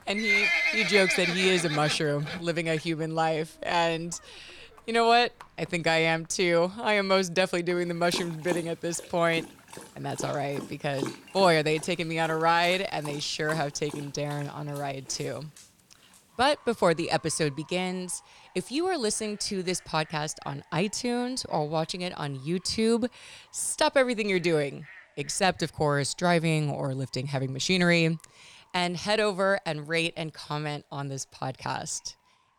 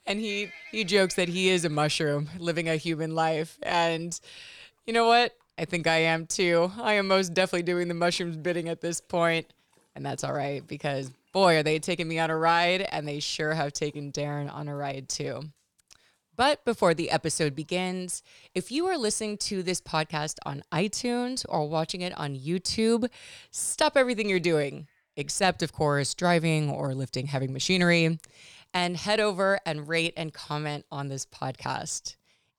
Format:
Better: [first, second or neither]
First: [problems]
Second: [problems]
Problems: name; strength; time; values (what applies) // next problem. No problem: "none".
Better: second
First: animal sounds; loud; throughout; 4 dB below the speech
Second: animal sounds; faint; throughout; 25 dB below the speech